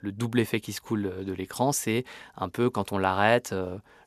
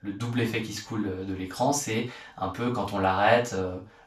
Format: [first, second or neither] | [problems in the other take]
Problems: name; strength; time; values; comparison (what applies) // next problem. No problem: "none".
first | room echo; slight; dies away in 0.3 s // off-mic speech; far